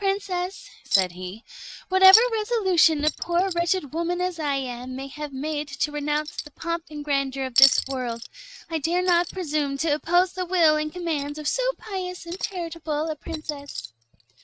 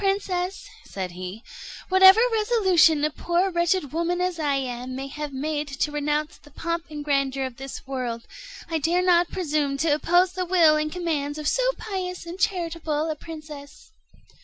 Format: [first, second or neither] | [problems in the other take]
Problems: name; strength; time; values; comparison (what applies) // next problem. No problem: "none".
second | noise reduction (neural mask model RNNoise)